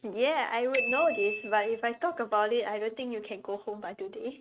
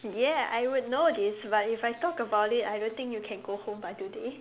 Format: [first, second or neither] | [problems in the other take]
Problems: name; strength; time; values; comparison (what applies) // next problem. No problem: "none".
second | noise reduction (neural mask model RNNoise)